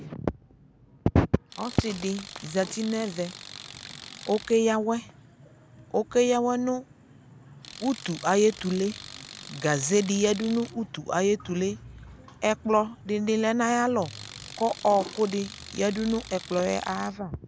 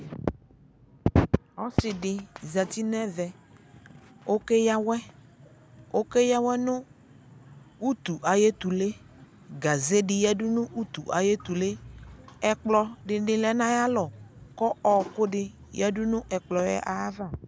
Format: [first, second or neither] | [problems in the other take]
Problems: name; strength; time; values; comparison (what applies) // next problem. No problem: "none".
second | background sound (Tools); 16 dB below the speech